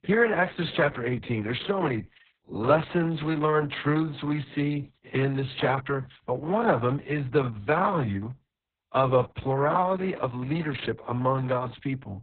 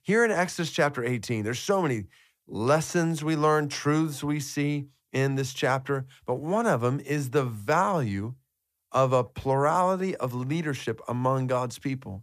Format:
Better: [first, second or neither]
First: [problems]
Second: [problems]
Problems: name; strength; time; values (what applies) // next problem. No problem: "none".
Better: second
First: garbled, watery; badly; nothing above 4 kHz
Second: none